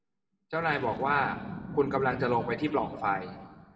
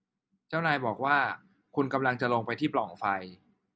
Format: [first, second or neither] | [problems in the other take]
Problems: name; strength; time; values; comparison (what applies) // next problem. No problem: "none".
second | background sound (Boom); 11 dB below the speech // room echo; dies away in 1.2 s